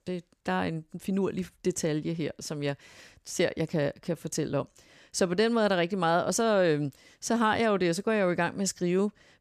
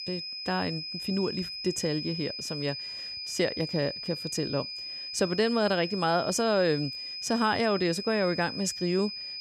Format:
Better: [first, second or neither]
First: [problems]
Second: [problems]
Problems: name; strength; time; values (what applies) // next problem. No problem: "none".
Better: first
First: none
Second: high-pitched whine; loud; throughout; 5 kHz, 6 dB below the speech